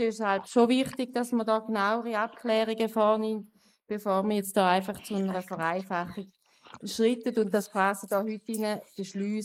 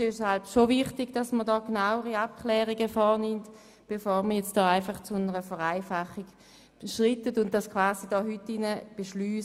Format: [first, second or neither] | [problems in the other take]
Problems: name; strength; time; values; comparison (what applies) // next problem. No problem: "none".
second | noise reduction (neural mask model Resemble Enhance denoiser)